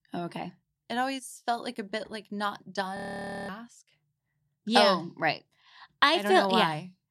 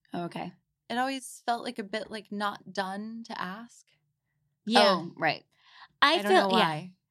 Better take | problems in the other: second | audio freezing; at 3 s for 0.5 s

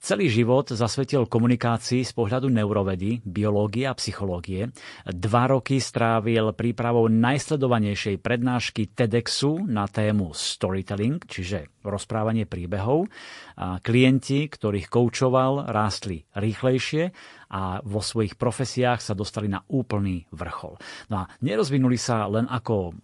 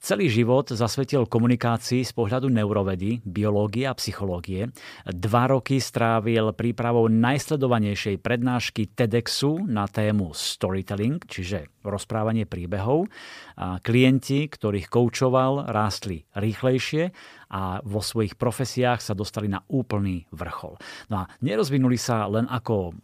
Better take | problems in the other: second | garbled, watery; slightly

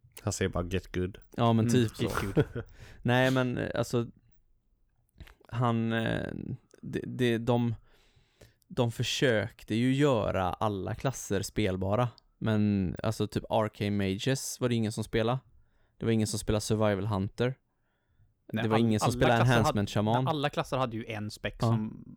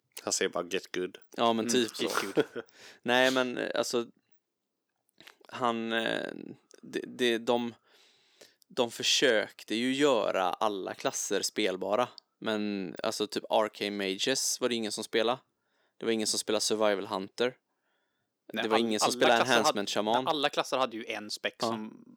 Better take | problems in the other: first | thin; somewhat; fading below 300 Hz

